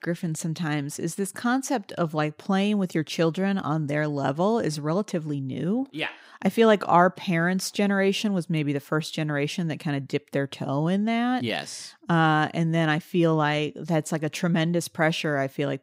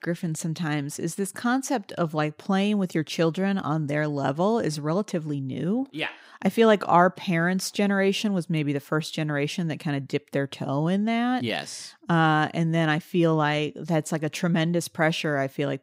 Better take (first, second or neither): neither